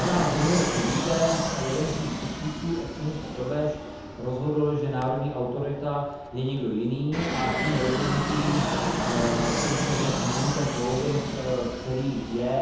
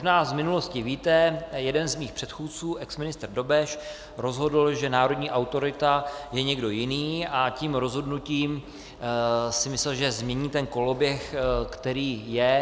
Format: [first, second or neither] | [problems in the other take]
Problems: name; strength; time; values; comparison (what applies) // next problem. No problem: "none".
second | background sound (Fixed-wing aircraft, airplane); 2 dB below the speech // room echo; dies away in 0.9 s